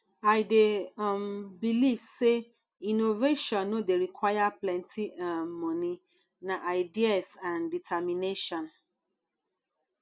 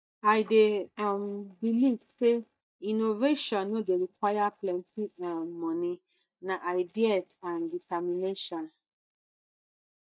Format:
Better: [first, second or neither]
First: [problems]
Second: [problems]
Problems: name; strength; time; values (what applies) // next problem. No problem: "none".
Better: first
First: none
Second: noise reduction (neural mask model DeepFilterNet 3)